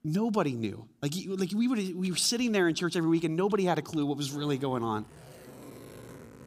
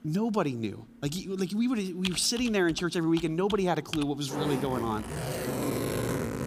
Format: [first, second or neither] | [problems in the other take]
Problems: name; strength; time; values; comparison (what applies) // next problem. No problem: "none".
first | household noises; loud; throughout; 6 dB below the speech; faint in the first